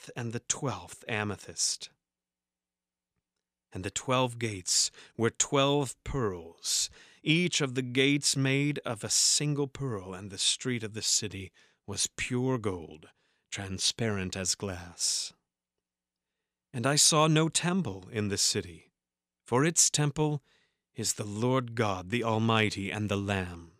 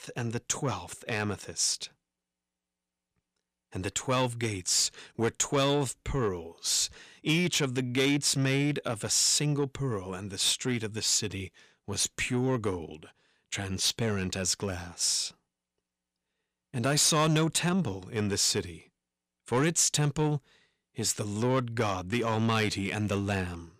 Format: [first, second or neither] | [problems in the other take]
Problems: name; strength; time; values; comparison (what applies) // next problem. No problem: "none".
first | distortion; slight; 10 dB below the speech